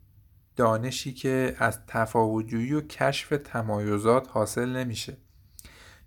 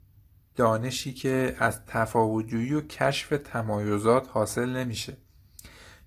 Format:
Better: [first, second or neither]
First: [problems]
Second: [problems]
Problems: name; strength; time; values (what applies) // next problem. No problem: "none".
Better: first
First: none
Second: garbled, watery; slightly; nothing above 14.5 kHz